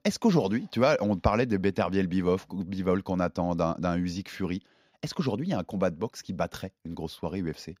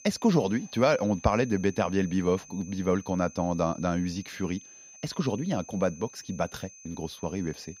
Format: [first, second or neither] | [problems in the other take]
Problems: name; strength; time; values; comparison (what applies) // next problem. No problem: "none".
first | high-pitched whine; noticeable; throughout; 6.5 kHz, 20 dB below the speech